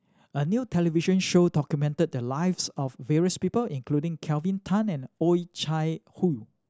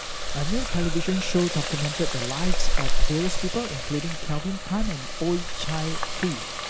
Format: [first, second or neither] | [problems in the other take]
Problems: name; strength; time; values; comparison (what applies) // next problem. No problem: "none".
first | background sound (Water tap, faucet); 5 dB above the speech